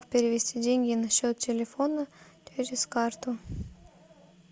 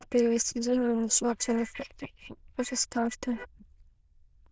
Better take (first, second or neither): first